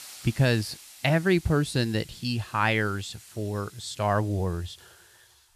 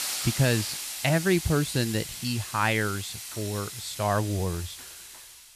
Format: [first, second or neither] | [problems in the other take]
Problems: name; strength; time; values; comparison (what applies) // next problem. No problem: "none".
first | hiss; loud; throughout; 7 dB below the speech; faint in the first